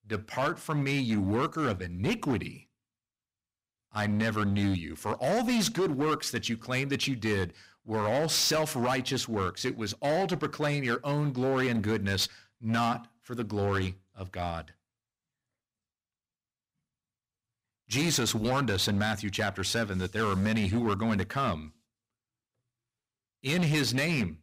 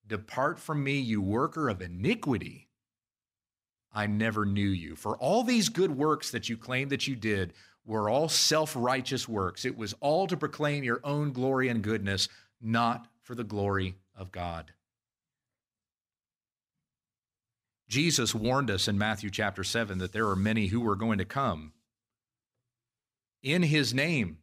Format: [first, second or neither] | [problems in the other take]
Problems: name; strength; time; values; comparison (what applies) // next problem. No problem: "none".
second | distortion; slight; 10% of the sound clipped